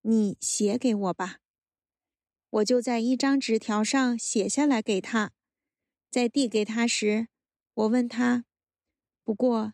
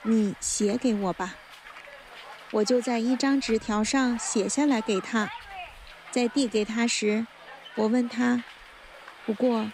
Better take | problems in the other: first | hiss; noticeable; throughout; 15 dB below the speech

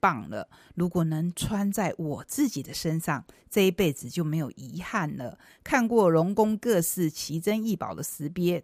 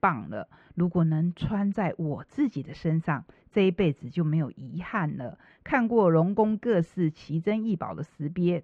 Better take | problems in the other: first | muffled; very; fading above 2.5 kHz

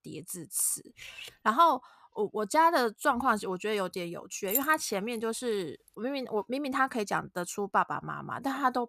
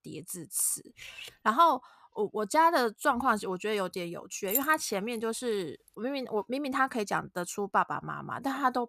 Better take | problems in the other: neither | clattering dishes; faint; at 1 s; peak 15 dB below the speech; the same in both // jangling keys; noticeable; at 4.5 s; peak 1 dB below the speech; the same in both

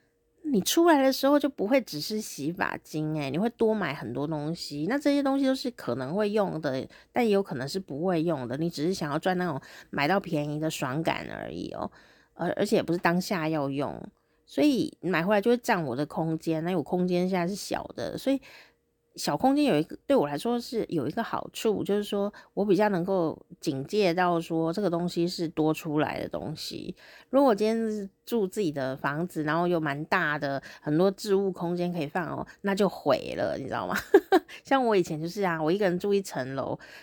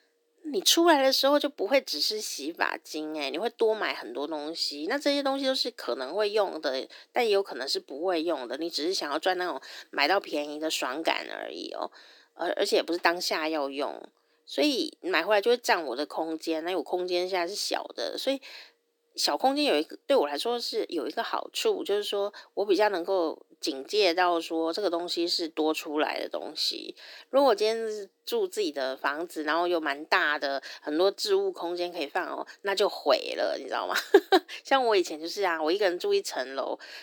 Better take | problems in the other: first | thin; somewhat; fading below 300 Hz

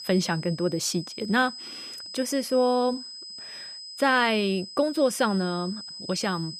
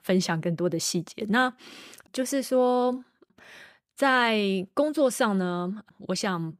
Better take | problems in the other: second | high-pitched whine; noticeable; throughout; 5 kHz, 10 dB below the speech

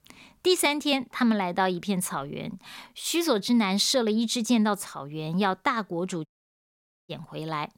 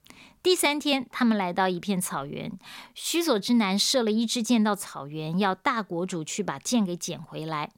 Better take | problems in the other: second | audio cutting out; at 6.5 s for 1 s

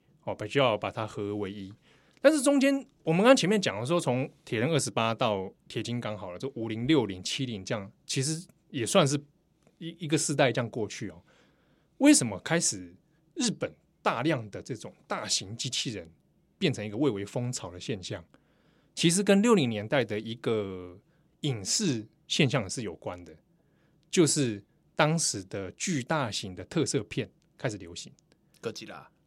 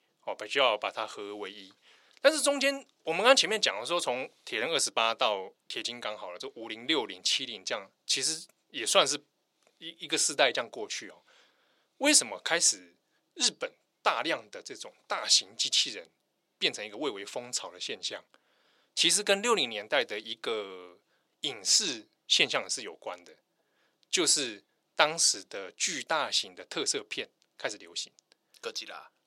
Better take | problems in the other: first | thin; somewhat; fading below 600 Hz

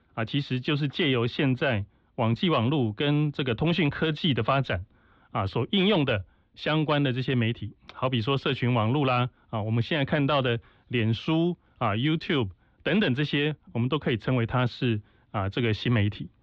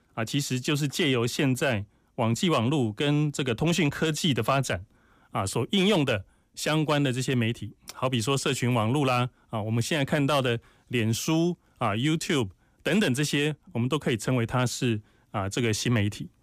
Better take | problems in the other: second | muffled; slightly; fading above 4 kHz

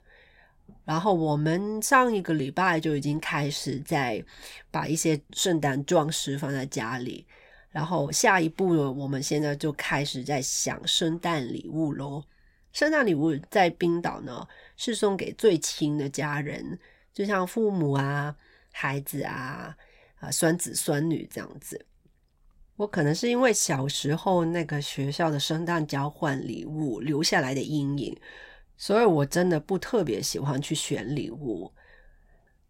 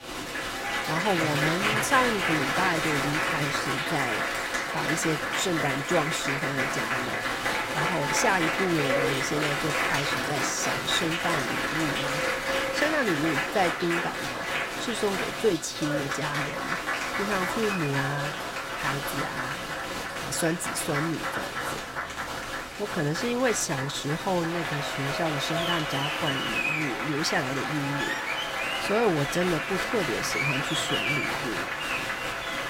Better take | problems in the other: first | crowd noise; very loud; throughout; 2 dB above the speech

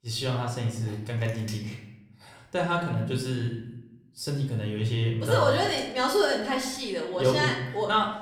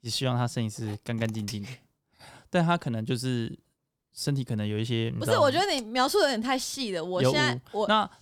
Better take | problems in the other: second | room echo; slight; dies away in 0.7 s // off-mic speech; somewhat distant

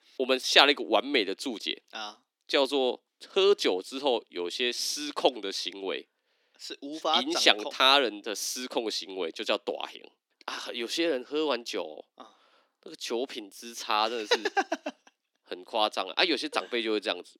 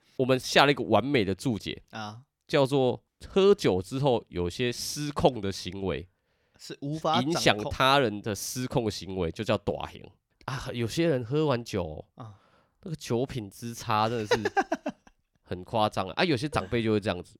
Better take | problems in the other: second | thin; somewhat; fading below 250 Hz

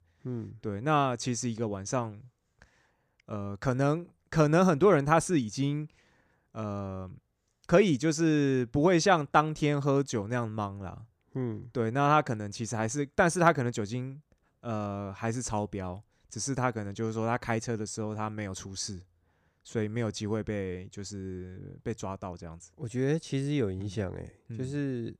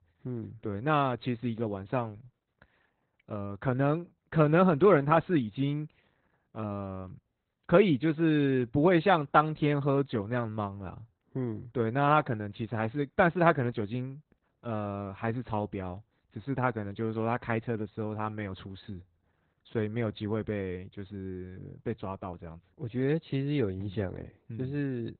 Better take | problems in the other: first | garbled, watery; badly; nothing above 4 kHz

